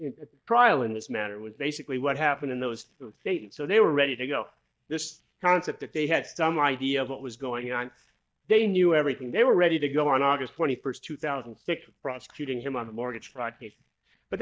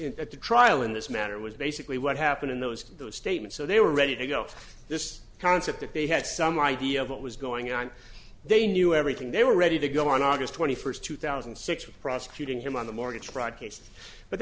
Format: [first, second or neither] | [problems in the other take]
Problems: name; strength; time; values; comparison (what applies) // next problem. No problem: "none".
second | noise reduction (neural mask model DeepFilterNet 3)